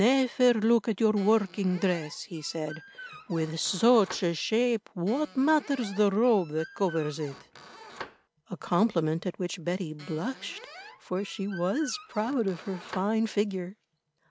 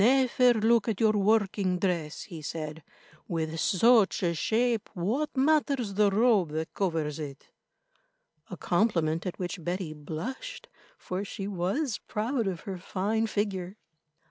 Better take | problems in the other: second | background sound (Squeak); 19 dB below the speech

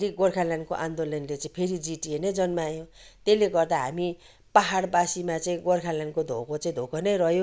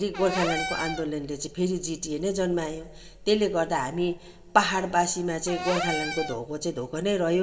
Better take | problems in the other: first | background sound (Cupboard open or close / Door); 6 dB below the speech // room echo; dies away in 1.4 s

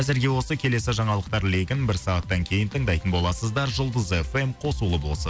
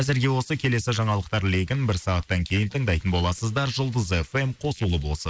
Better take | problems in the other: first | noise reduction (neural mask model Resemble Enhance denoiser)

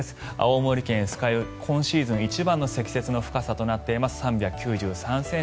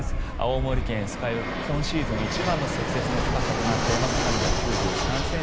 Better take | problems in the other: first | background sound (Fixed-wing aircraft, airplane); 3 dB above the speech

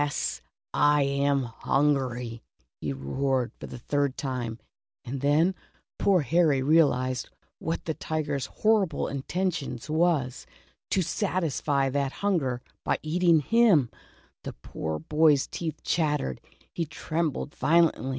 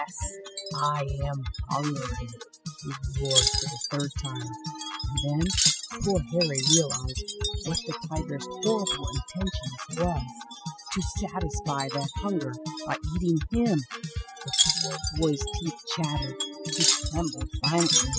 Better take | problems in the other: first | noise reduction (classical method spectral subtraction)

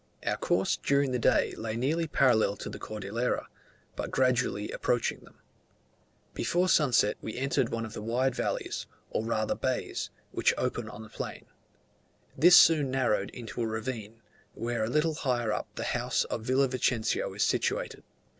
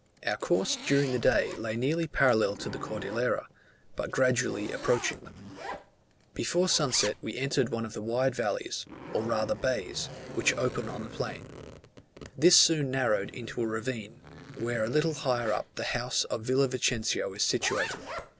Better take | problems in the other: first | background sound (Zipper (clothing)); 14 dB below the speech

